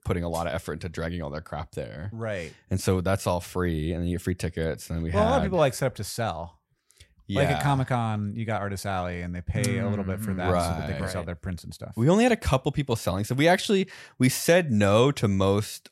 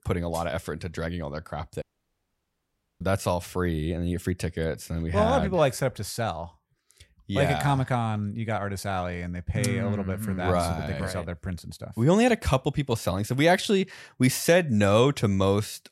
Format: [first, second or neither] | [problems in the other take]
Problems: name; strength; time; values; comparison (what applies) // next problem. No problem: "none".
first | audio cutting out; at 2 s for 1 s